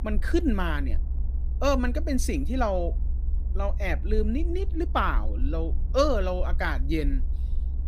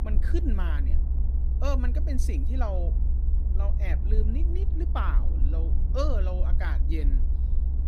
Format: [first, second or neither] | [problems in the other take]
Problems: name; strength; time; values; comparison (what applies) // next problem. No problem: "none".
first | low rumble; loud; throughout; 9 dB below the speech; faint in the first